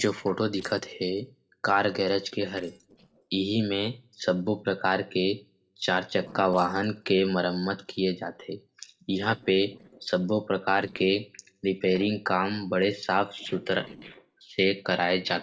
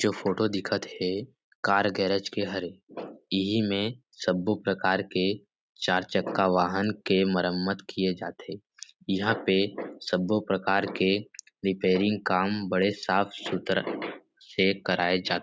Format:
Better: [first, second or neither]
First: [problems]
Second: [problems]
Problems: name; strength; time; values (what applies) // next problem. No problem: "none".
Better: second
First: noise reduction (neural separator model SepFormer DNS4)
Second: none